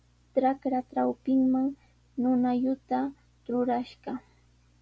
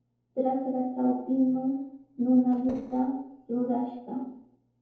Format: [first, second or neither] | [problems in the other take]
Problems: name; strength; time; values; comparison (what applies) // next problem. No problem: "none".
first | noise reduction (neural separator model SepFormer DNS4)